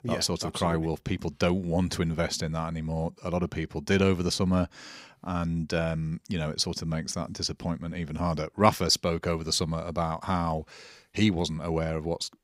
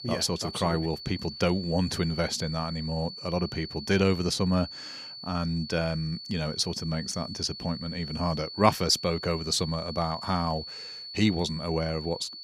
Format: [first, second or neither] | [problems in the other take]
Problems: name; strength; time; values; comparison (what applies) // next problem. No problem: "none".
first | high-pitched whine; loud; throughout; 4.5 kHz, 10 dB below the speech